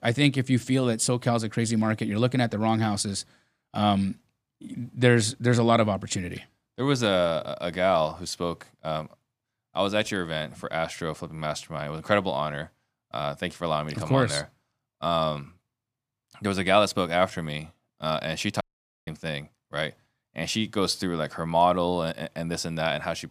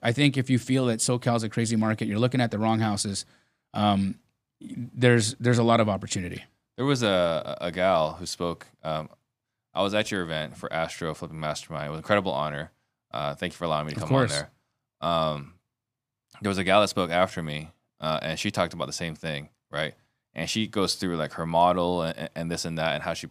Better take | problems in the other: second | audio cutting out; at 19 s

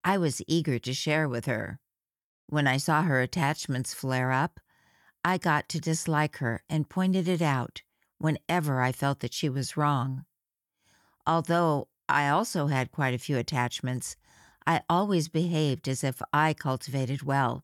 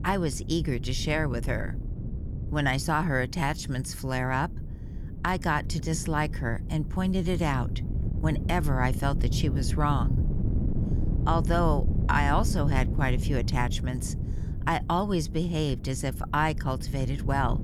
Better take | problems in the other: first | wind noise on the microphone; occasional gusts; 15 dB below the speech

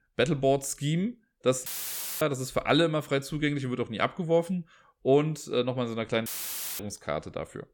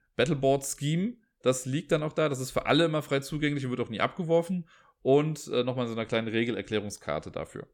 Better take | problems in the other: second | audio cutting out; filled with static; at 1.5 s for 0.5 s and at 6.5 s for 0.5 s

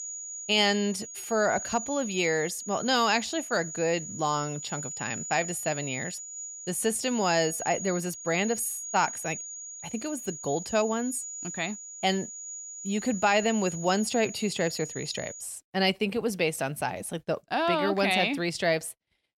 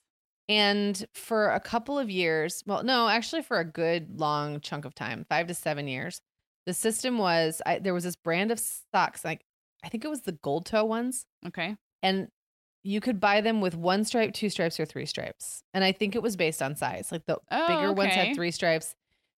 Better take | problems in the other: second | high-pitched whine; loud; until 15 s; 7 kHz, 8 dB below the speech

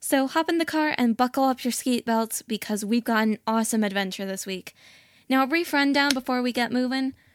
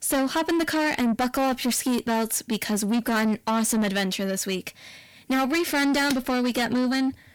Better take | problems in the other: first | distortion; heavy; 7 dB below the speech

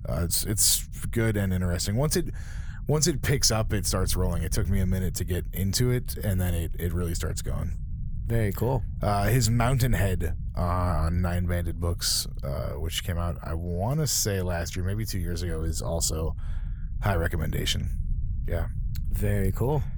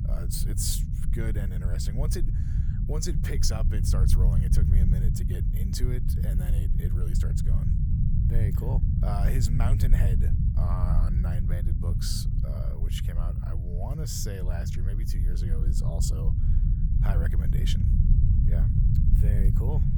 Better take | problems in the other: first | low rumble; loud; throughout; 2 dB below the speech; faint in the first

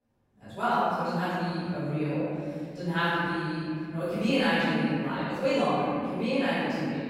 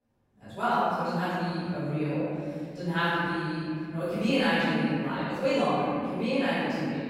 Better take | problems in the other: neither | off-mic speech; far; the same in both // room echo; strong; dies away in 2.5 s; the same in both

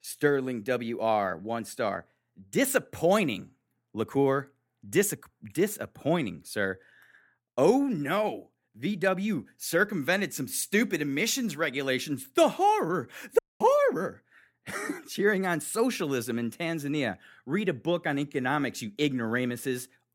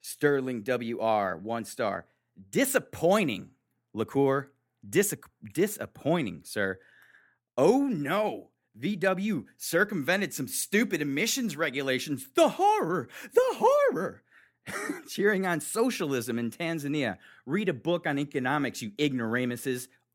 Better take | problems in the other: second | audio cutting out; at 13 s

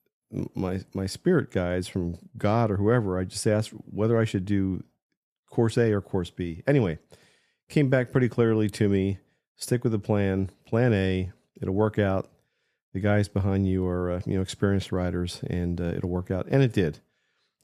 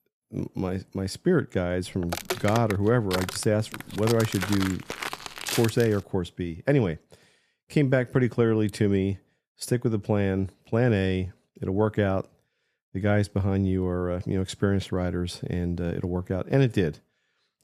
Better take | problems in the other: first | footsteps; noticeable; from 2 to 6 s; peak 4 dB below the speech

